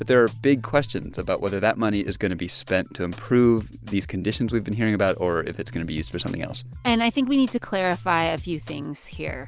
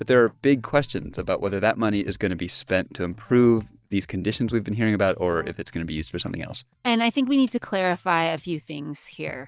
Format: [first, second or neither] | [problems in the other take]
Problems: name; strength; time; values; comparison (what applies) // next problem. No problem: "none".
first | noise reduction (neural mask model DeepFilterNet 3)